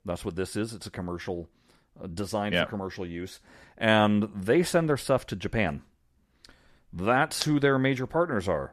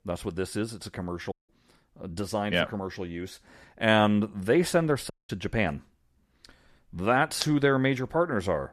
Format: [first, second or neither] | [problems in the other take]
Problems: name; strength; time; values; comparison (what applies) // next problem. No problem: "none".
first | audio cutting out; at 1.5 s and at 5 s